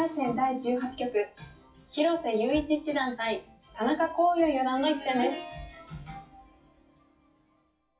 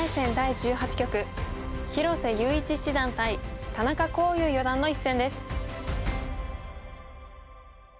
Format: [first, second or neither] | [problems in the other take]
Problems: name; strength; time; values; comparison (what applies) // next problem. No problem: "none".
second | noise reduction (classical method WPE with log-MMSE)